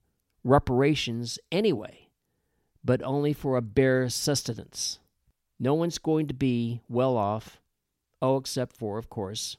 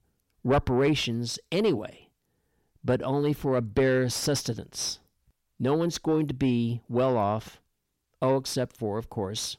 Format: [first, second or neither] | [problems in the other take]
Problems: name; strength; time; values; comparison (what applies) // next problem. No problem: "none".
first | distortion; slight; 10 dB below the speech